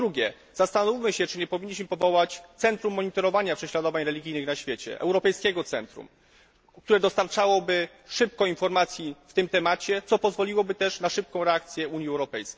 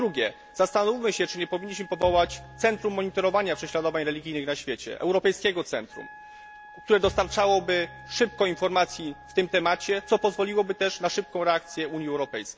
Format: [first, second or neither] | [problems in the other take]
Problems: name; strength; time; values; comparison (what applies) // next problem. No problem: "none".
first | background sound (Wind instrument, woodwind instrument + Bowed string instrument); 20 dB below the speech